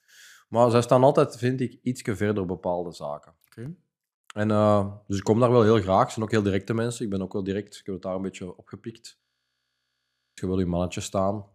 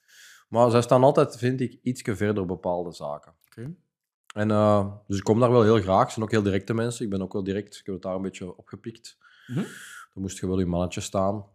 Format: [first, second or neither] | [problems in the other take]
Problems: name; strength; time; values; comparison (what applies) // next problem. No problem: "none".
second | audio freezing; at 9 s for 1 s